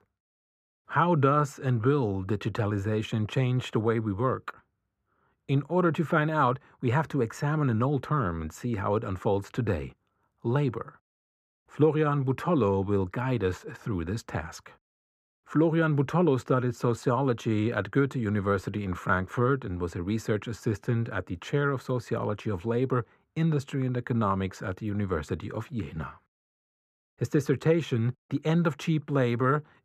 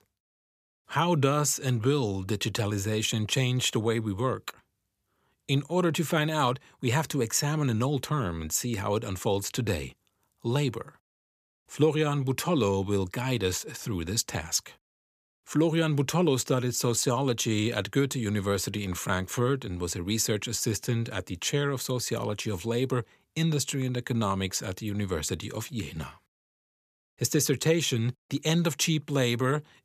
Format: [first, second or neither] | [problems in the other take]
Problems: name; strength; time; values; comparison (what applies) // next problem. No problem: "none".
second | muffled; very; fading above 3 kHz